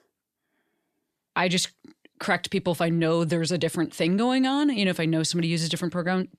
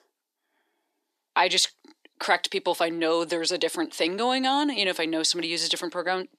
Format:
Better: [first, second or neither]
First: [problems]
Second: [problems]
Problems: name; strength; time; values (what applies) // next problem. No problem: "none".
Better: first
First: none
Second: thin; somewhat; fading below 300 Hz